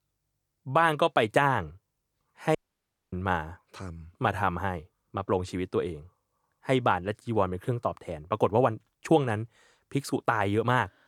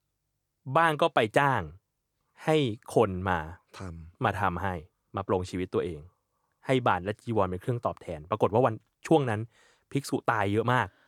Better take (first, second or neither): second